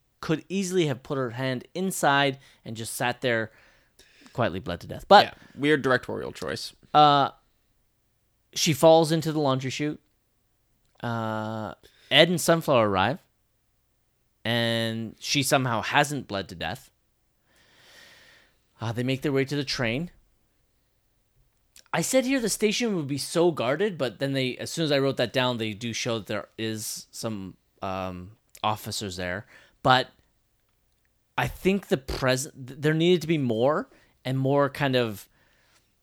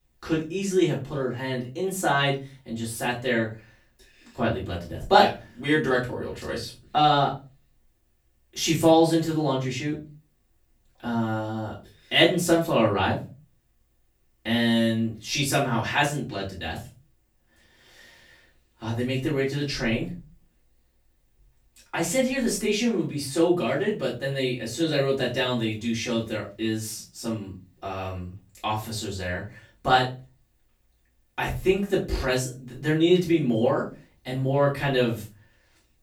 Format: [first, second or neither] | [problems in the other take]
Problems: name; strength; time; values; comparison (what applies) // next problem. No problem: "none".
first | off-mic speech; far // room echo; slight; dies away in 0.3 s